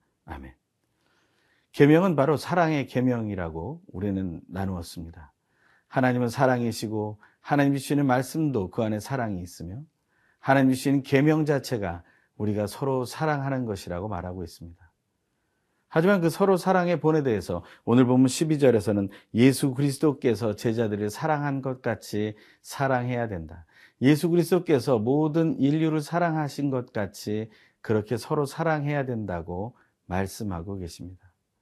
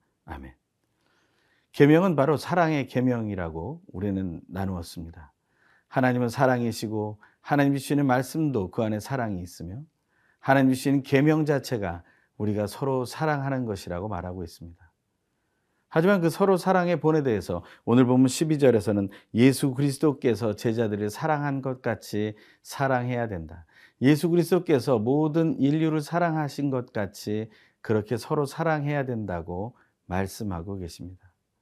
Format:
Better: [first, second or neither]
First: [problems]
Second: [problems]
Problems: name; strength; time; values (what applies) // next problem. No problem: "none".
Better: second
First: garbled, watery; slightly; nothing above 12.5 kHz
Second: none